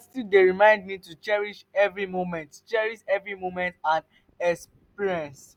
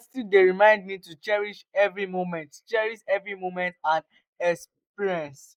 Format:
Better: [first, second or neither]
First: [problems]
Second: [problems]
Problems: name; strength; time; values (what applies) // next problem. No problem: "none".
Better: first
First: none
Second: noise reduction (neural mask model Resemble Enhance denoiser)